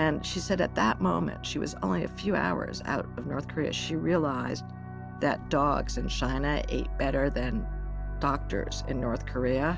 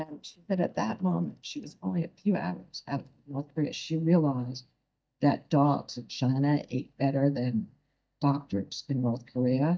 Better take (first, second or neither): first